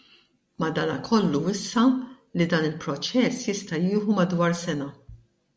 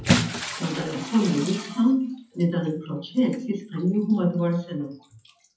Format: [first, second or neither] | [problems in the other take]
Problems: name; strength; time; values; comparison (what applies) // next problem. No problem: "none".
first | noise reduction (classical method WPE with log-MMSE)